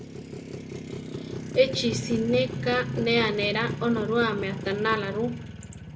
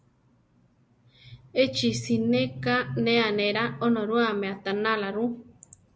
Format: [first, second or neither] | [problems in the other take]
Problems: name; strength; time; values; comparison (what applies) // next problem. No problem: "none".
second | background sound (Motorcycle); 8 dB below the speech // room echo; dies away in 0.7 s